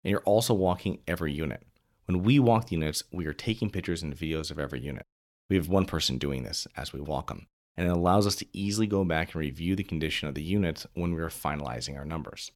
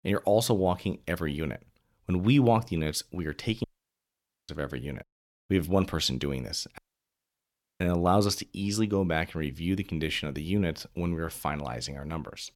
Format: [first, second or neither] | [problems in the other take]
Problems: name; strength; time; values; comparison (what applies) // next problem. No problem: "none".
first | audio cutting out; at 3.5 s for 1 s and at 7 s for 1 s